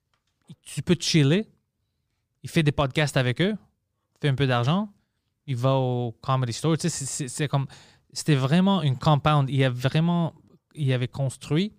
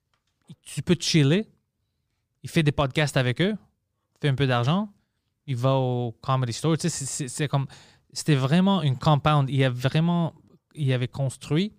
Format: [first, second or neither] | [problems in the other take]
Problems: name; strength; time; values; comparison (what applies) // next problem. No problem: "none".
neither | none